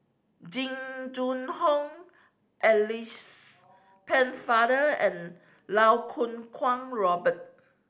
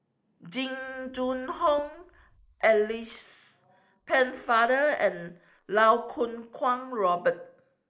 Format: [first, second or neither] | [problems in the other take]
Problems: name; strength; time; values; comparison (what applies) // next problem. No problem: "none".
first | noise reduction (neural mask model Resemble Enhance denoiser)